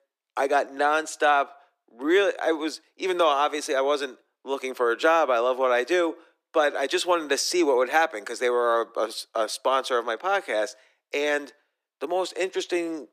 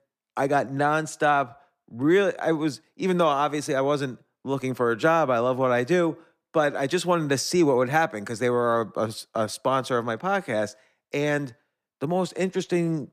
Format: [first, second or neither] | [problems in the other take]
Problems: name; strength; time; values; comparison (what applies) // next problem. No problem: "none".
second | thin; somewhat; fading below 350 Hz